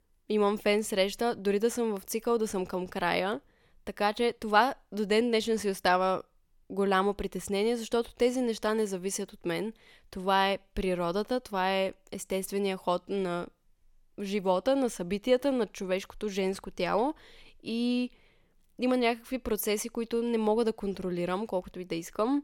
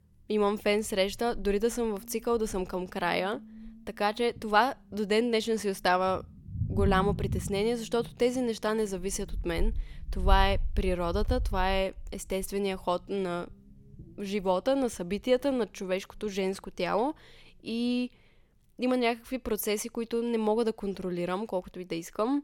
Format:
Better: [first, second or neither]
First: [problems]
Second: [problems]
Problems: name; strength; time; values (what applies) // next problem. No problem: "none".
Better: first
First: none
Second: low rumble; faint; throughout; 20 dB below the speech